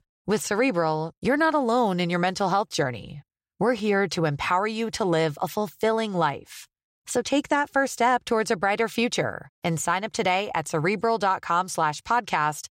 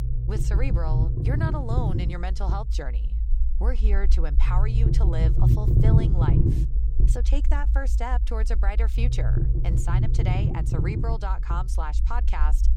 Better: first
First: none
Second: low rumble; loud; throughout; 3 dB below the speech

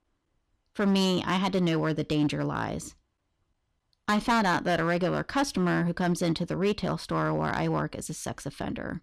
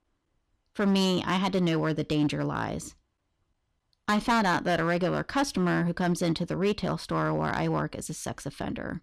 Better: neither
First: distortion; slight; 5% of the sound clipped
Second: distortion; slight; 5% of the sound clipped

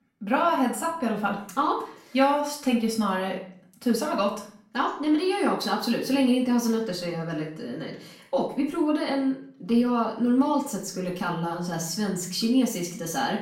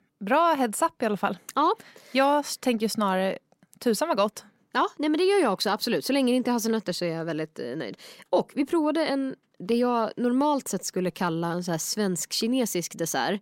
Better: second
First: off-mic speech; far // room echo; slight; dies away in 0.5 s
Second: none

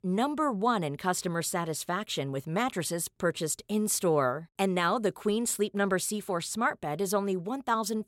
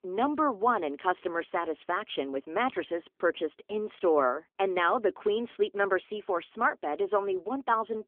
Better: first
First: none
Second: phone-call audio; nothing above 3.5 kHz

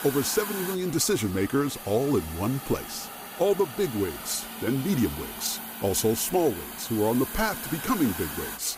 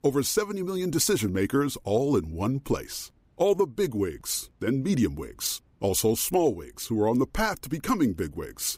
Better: second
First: hiss; loud; throughout; 9 dB below the speech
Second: none

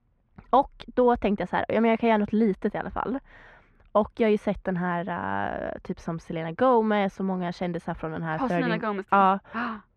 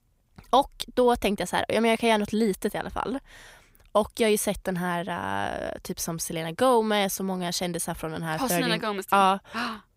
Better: second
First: muffled; very; fading above 1.5 kHz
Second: none

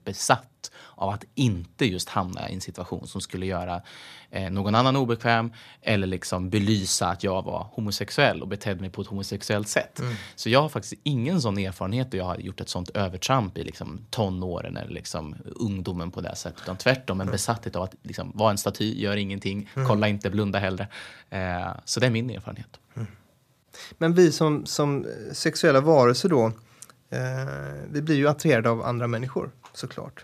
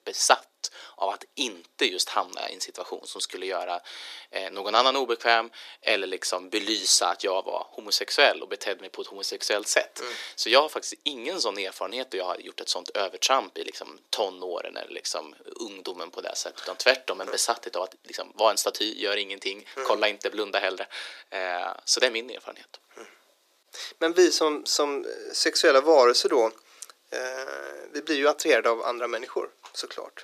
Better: first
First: none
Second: thin; very; fading below 350 Hz

